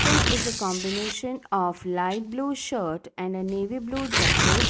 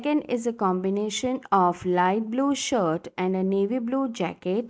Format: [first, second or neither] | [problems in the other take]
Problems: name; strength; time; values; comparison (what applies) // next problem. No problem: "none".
second | background sound (Tearing); 2 dB above the speech